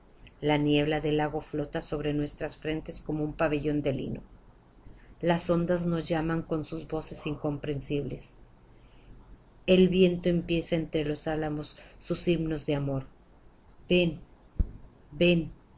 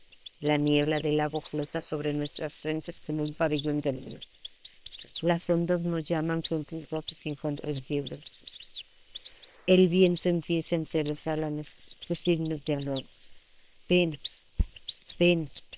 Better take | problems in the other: first | noise reduction (neural separator model SepFormer WHAM!)

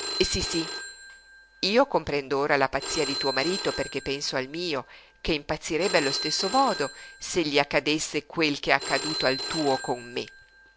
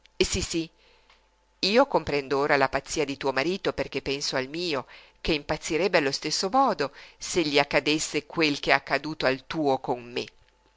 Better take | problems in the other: second | background sound (Telephone); 9 dB below the speech

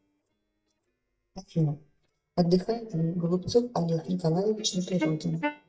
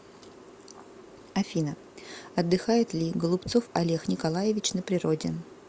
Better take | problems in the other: second | noise reduction (neural mask model DeepFilterNet 3)

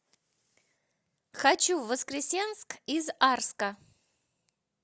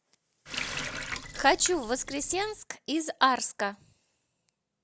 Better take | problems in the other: first | background sound (Water tap, faucet); 8 dB below the speech

